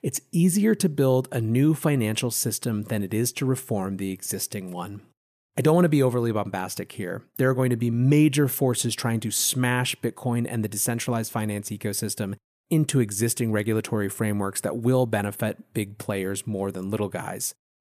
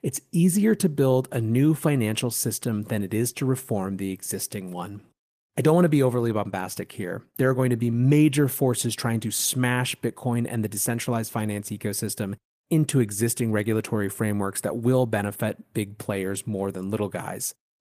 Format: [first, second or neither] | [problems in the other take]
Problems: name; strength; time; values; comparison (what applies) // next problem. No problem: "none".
first | garbled, watery; slightly; nothing above 14.5 kHz